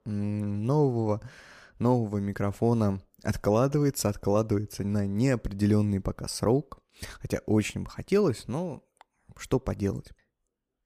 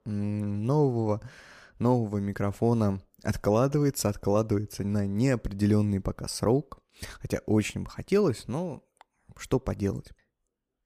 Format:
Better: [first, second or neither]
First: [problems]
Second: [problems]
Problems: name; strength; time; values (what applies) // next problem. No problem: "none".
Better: neither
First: none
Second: none